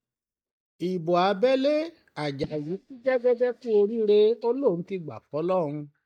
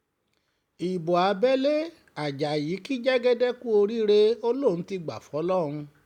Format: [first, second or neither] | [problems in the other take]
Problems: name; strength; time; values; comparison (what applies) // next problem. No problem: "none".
second | noise reduction (neural mask model DeepFilterNet 3)